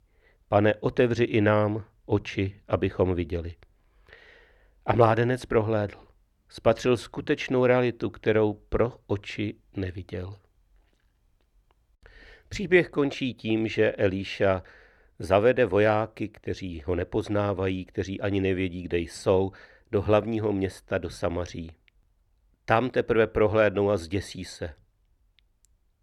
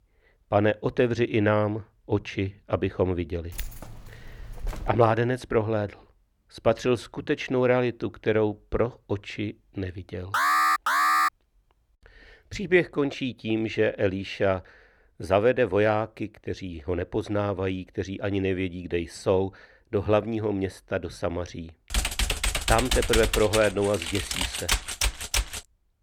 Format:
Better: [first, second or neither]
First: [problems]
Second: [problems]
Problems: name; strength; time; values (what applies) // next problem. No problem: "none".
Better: first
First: none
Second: jangling keys; faint; from 3.5 to 5 s; peak 10 dB below the speech // alarm; loud; at 10 s; peak 6 dB above the speech // keyboard typing; loud; from 22 s on; peak 2 dB above the speech